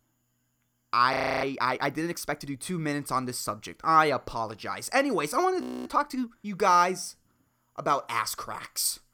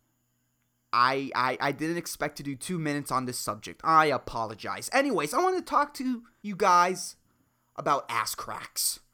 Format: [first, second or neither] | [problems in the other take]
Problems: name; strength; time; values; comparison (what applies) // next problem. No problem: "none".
second | audio freezing; at 1 s and at 5.5 s